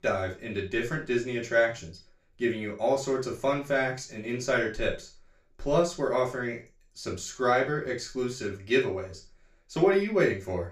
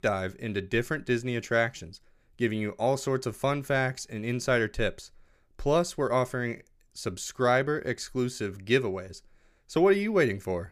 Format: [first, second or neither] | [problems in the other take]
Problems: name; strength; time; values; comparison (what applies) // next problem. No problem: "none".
second | room echo; slight; dies away in 0.3 s // off-mic speech; far